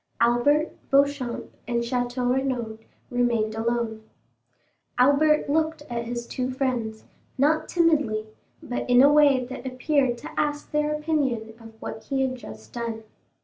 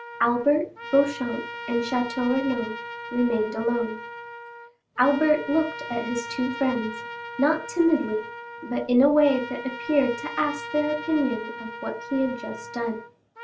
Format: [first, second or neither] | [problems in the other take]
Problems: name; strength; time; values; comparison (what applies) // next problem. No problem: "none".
first | background sound (Trumpet); 12 dB below the speech